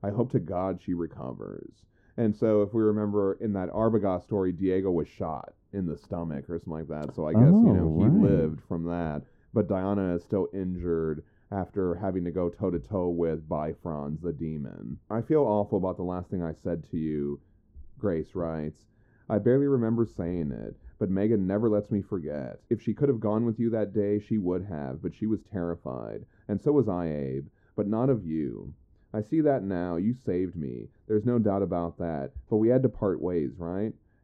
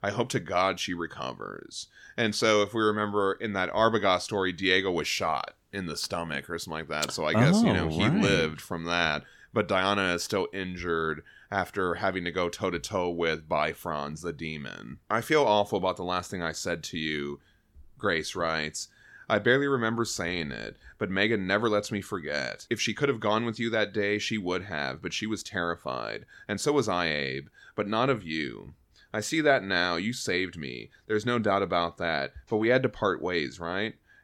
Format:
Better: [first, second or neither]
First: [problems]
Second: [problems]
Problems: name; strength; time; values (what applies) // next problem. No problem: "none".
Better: second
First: muffled; very; fading above 1 kHz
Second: none